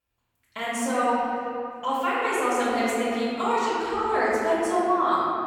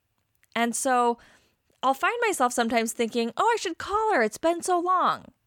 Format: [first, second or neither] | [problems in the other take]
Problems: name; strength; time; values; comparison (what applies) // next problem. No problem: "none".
second | off-mic speech; far // room echo; strong; dies away in 2.5 s